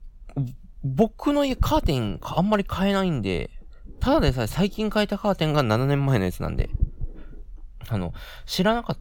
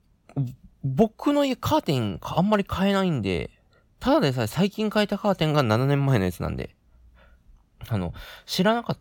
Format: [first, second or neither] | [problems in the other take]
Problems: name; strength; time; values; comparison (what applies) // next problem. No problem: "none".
second | low rumble; faint; throughout; 25 dB below the speech